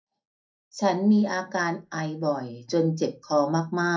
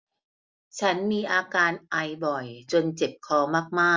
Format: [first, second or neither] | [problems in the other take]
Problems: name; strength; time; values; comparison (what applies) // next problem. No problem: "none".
second | room echo; dies away in 0.2 s